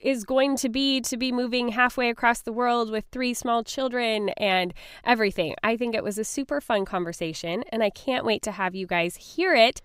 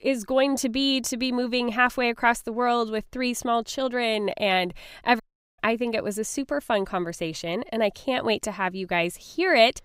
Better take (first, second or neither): first